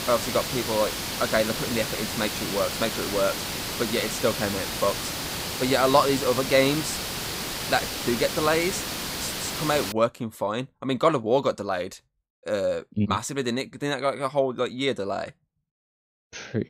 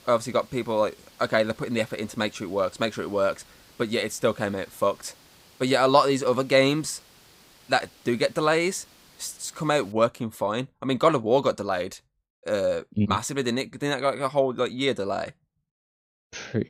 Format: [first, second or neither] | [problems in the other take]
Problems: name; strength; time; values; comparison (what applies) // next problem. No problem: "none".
second | hiss; loud; until 10 s; 3 dB below the speech; faint in the second